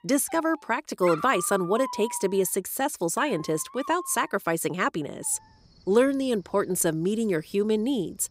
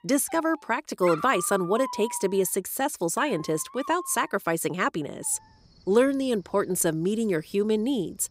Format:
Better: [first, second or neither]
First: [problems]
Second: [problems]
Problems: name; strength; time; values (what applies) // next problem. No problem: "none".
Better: neither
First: animal sounds; noticeable; throughout; 15 dB below the speech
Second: animal sounds; noticeable; throughout; 15 dB below the speech